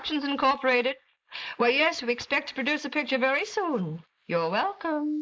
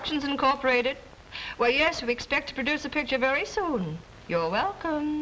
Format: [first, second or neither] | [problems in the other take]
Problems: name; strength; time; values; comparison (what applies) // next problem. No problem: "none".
second | noise reduction (neural mask model Resemble Enhance denoiser)